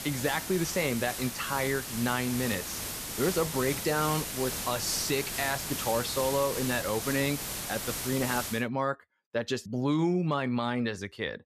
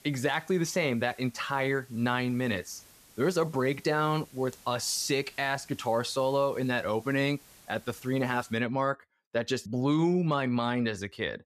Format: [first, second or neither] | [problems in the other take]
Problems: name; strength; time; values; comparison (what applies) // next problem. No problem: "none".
second | hiss; loud; until 8.5 s; 4 dB below the speech; faint in the second